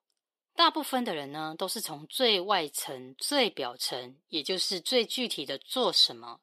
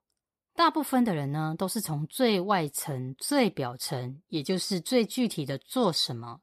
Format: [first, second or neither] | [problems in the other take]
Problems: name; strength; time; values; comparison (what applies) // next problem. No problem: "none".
second | thin; somewhat; fading below 400 Hz